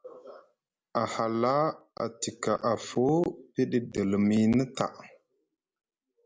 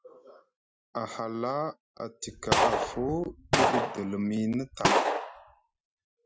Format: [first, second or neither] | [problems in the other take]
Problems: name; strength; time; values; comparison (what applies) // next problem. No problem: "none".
first | noise reduction (classical method Wiener filter)